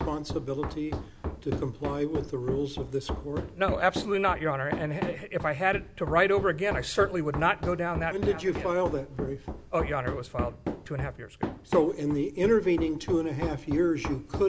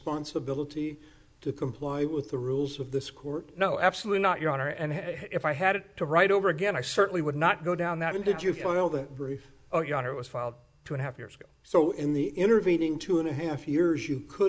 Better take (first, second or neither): second